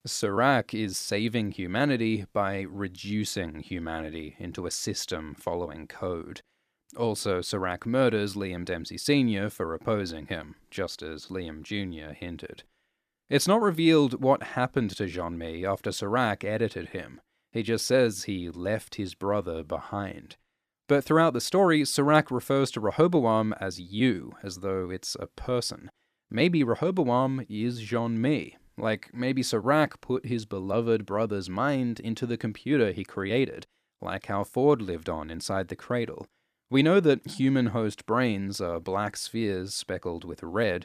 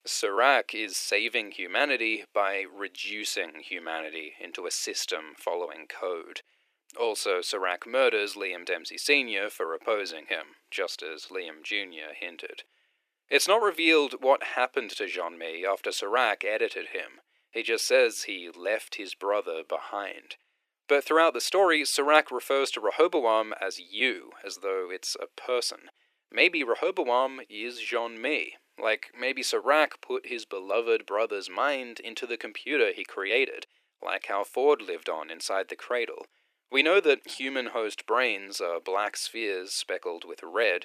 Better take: first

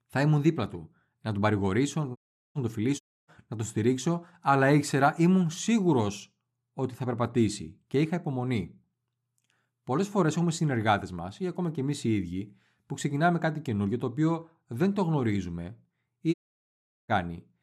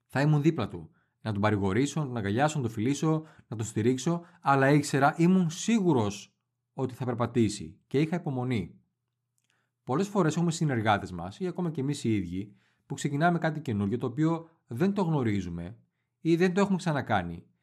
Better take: second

